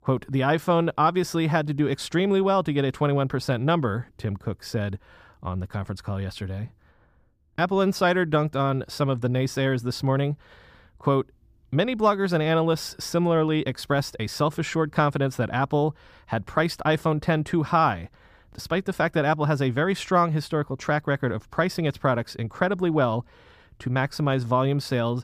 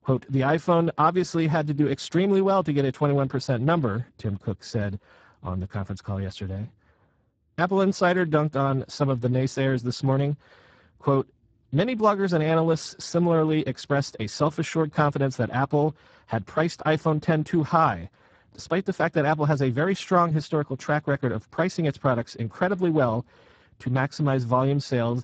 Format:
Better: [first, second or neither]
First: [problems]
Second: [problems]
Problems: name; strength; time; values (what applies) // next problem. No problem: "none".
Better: first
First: none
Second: garbled, watery; badly; nothing above 7.5 kHz